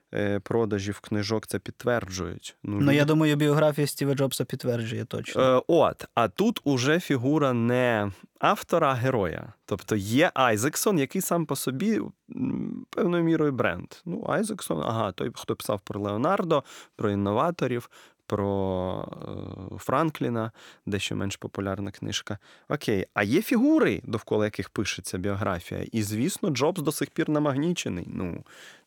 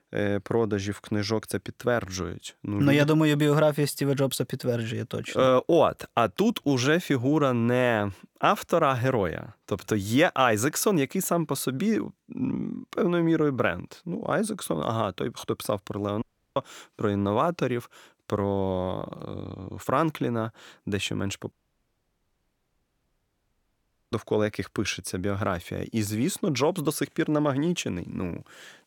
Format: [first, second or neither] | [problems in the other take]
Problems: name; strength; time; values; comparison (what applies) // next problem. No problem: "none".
first | audio cutting out; at 16 s and at 22 s for 2.5 s